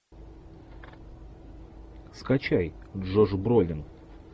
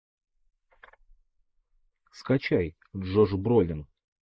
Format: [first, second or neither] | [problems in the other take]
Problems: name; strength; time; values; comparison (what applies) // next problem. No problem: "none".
first | noise reduction (neural mask model Resemble Enhance denoiser)